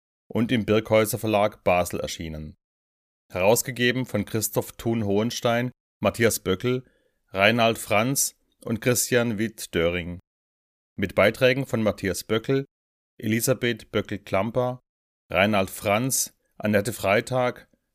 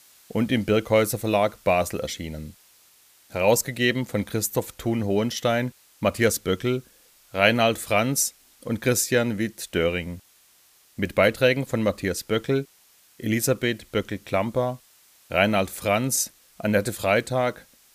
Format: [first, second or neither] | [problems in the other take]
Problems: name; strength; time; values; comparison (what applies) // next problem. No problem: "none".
first | hiss; faint; throughout; 30 dB below the speech